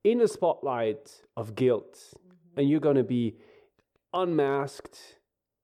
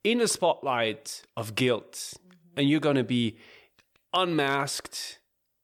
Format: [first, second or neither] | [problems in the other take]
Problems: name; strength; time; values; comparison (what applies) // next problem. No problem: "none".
second | muffled; slightly; fading above 1.5 kHz